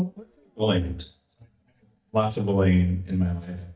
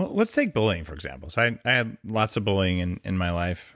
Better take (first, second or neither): second